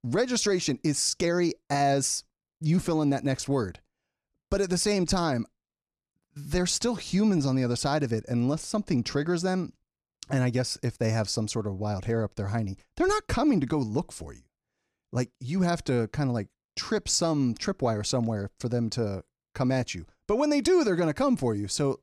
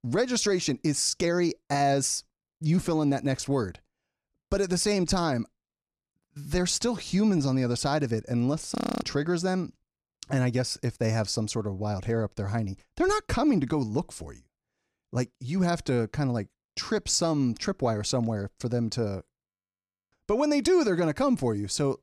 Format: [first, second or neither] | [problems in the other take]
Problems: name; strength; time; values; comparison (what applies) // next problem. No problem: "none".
first | audio freezing; at 9 s and at 19 s for 0.5 s